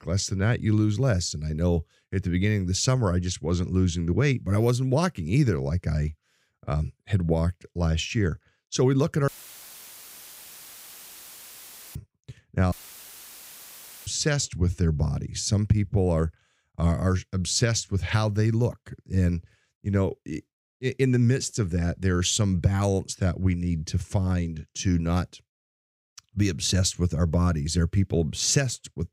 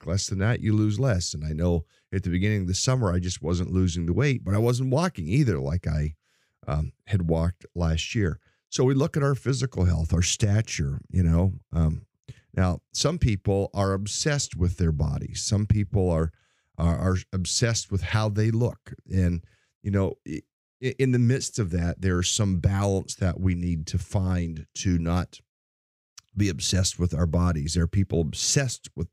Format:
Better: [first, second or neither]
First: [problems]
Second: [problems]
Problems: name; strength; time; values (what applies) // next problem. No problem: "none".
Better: second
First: audio cutting out; filled with static; at 9.5 s for 2.5 s and at 13 s for 1.5 s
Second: none